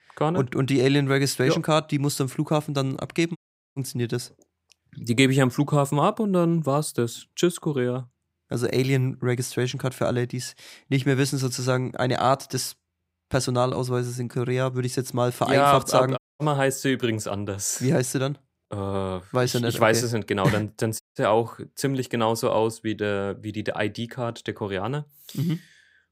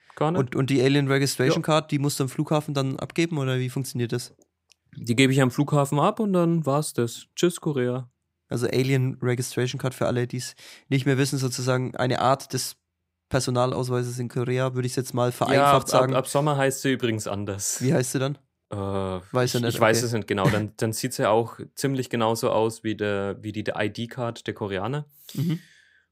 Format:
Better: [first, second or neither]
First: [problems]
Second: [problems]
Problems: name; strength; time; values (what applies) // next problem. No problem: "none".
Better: second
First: audio cutting out; at 3.5 s, at 16 s and at 21 s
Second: none